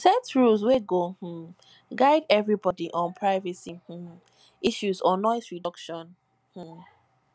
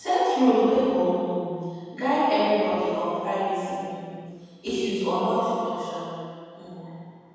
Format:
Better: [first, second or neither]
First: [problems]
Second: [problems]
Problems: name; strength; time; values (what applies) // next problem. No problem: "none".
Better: first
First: none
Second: room echo; dies away in 2.1 s